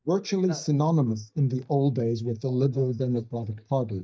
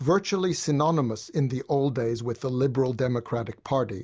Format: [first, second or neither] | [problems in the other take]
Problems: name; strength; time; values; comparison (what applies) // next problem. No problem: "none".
second | noise reduction (neural mask model DeepFilterNet 3)